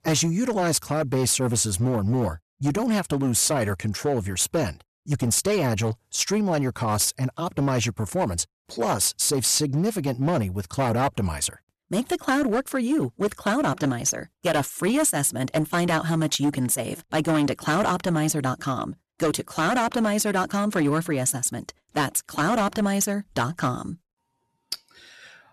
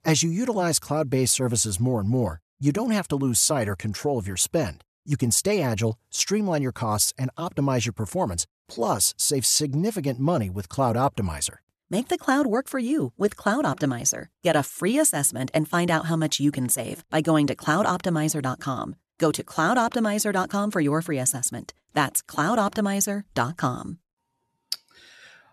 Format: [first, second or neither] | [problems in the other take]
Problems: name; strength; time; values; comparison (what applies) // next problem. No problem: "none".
second | distortion; slight; 9% of the sound clipped